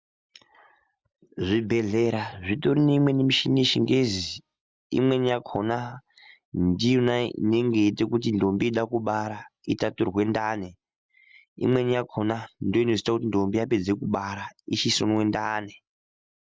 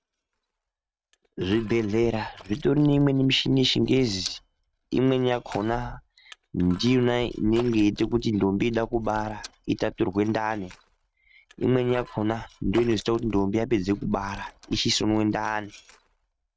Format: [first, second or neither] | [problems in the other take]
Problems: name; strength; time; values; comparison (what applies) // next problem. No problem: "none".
first | noise reduction (neural mask model RNNoise)